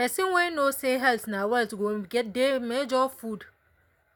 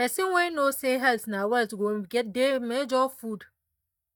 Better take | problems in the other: first | noise reduction (neural mask model DeepFilterNet 3)

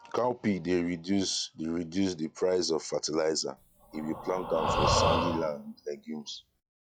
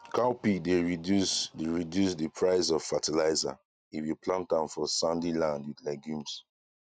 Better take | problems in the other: second | noise reduction (classical method log-MMSE)

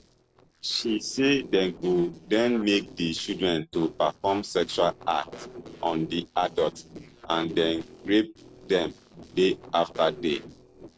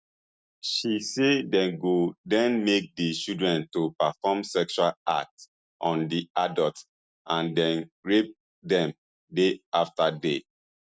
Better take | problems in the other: second | noise reduction (neural separator model SepFormer DNS4)

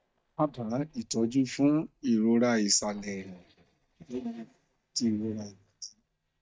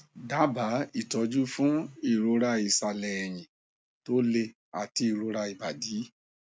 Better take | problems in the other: second | noise reduction (neural mask model DeepFilterNet 3)

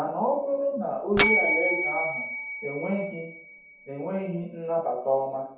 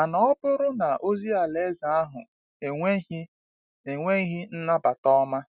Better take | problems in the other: second | background sound (Bell); 3 dB below the speech // room echo; dies away in 0.7 s

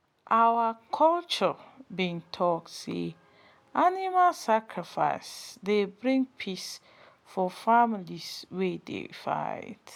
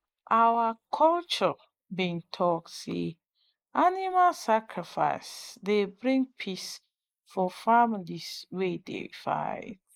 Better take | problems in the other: first | noise reduction (neural mask model Resemble Enhance denoiser)

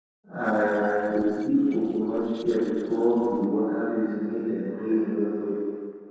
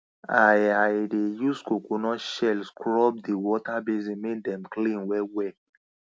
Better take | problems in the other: second | noise reduction (neural separator model SepFormer DNS4)

